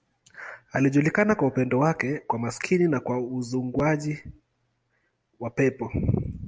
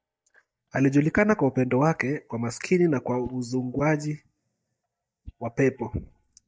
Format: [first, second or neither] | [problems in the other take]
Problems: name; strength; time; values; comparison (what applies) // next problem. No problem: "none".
first | noise reduction (neural mask model DeepFilterNet 3)